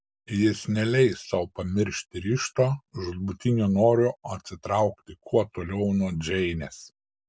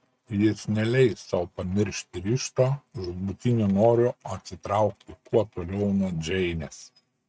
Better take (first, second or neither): first